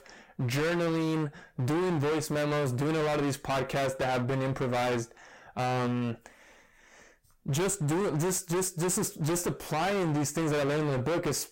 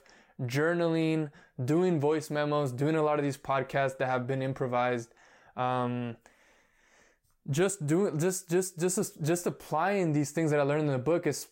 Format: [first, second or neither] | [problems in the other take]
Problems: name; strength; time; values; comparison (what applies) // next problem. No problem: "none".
second | distortion; heavy; 34% of the sound clipped